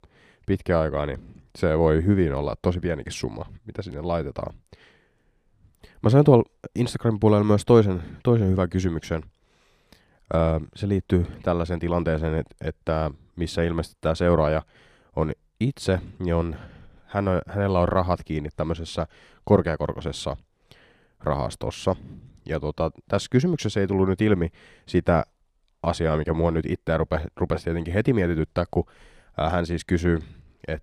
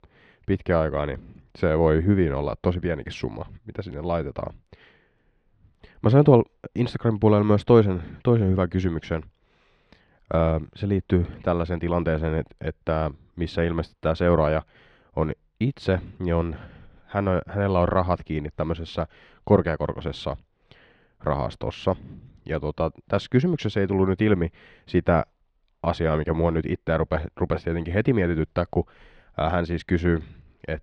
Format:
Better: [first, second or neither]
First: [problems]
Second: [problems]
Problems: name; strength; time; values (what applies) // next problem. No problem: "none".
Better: first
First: none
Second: muffled; very slightly; fading above 3 kHz